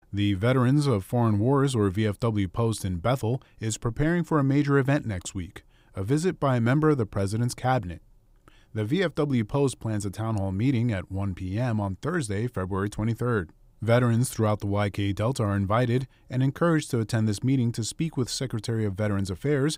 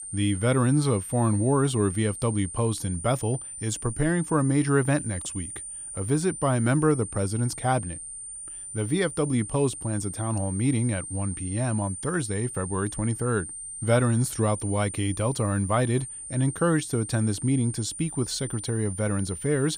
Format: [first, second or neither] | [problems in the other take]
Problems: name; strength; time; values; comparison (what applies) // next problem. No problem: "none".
first | high-pitched whine; loud; throughout; 9 kHz, 9 dB below the speech